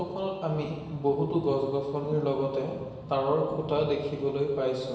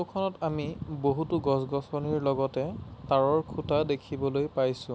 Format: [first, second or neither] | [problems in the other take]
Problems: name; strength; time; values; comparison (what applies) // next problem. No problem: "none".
second | room echo; dies away in 1.2 s